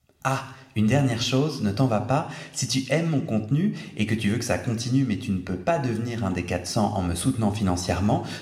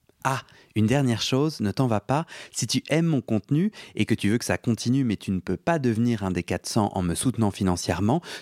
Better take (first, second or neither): second